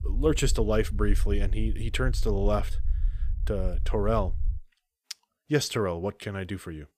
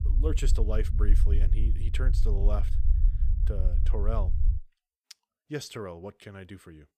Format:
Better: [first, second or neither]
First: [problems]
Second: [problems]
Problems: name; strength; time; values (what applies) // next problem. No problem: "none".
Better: first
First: low rumble; faint; until 4.5 s; 25 dB below the speech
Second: low rumble; loud; until 4.5 s; 9 dB below the speech